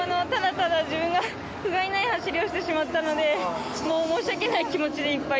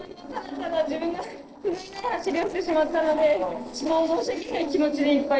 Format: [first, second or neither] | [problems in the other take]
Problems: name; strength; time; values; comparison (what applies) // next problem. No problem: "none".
first | noise reduction (neural separator model SepFormer DNS4)